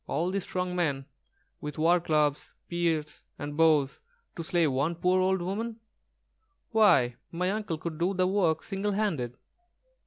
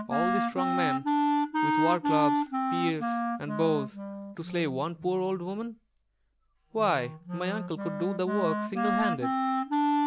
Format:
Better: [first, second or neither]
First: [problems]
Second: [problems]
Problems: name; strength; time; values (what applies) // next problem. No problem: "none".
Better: first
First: none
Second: background sound (Wind instrument, woodwind instrument); 2 dB above the speech